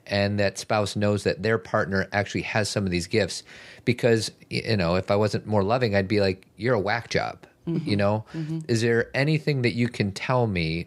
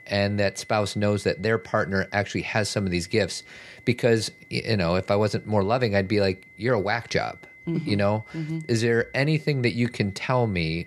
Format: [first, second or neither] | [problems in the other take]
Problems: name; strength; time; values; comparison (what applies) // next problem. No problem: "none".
first | high-pitched whine; faint; throughout; 2 kHz, 25 dB below the speech